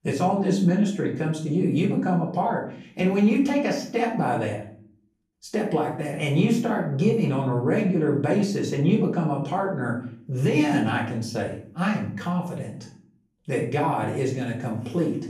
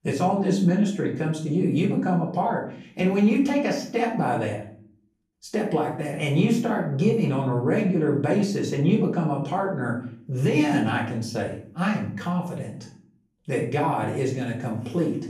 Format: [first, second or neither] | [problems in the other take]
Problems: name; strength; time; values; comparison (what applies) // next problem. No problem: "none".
neither | room echo; slight; dies away in 0.5 s; the same in both // off-mic speech; far; the same in both